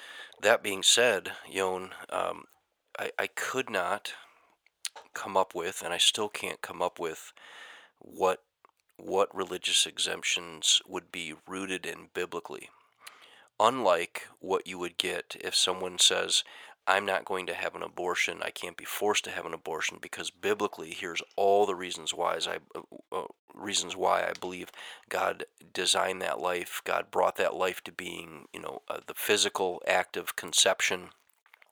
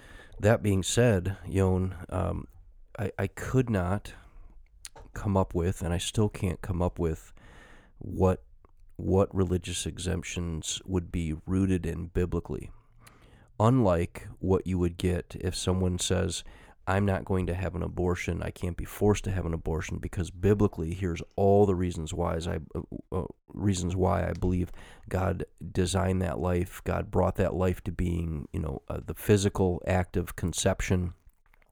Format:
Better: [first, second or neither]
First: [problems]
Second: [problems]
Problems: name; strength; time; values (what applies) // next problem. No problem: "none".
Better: second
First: thin; very; fading below 700 Hz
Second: none